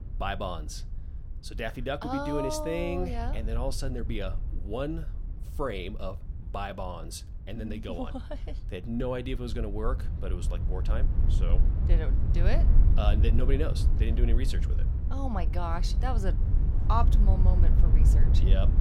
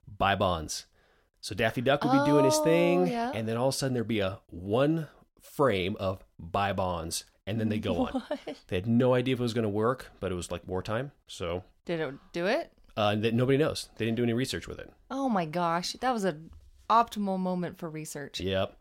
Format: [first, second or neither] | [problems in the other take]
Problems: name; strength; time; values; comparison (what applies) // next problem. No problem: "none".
second | wind noise on the microphone; heavy; 9 dB below the speech